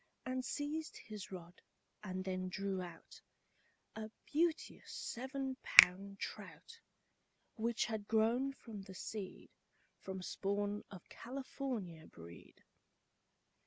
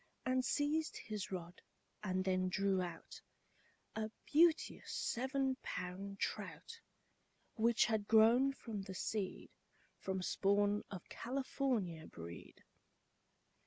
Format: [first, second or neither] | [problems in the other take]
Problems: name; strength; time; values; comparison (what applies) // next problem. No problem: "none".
second | background sound (Finger snapping); 4 dB above the speech